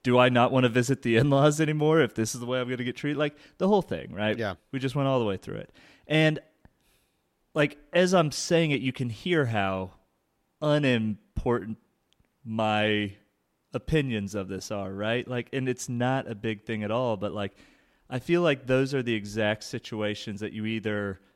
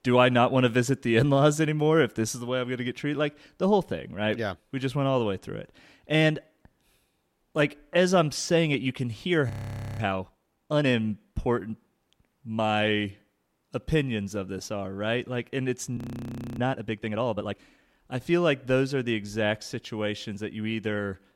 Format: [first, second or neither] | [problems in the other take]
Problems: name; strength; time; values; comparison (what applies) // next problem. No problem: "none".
first | audio freezing; at 9.5 s and at 16 s for 0.5 s